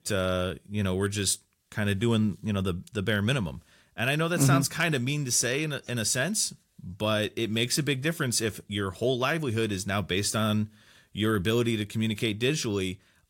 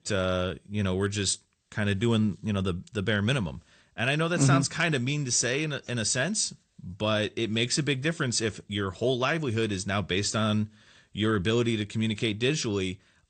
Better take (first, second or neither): first